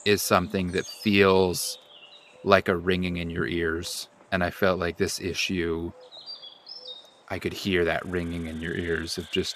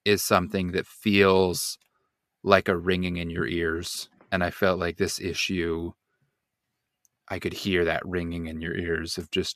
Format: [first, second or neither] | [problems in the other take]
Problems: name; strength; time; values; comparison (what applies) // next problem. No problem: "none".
second | animal sounds; noticeable; throughout; 20 dB below the speech